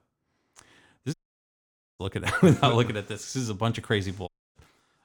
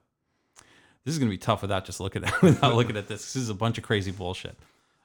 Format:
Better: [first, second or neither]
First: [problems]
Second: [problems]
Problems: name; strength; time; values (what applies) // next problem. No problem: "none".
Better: second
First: audio cutting out; at 1 s for 1 s and at 4.5 s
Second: none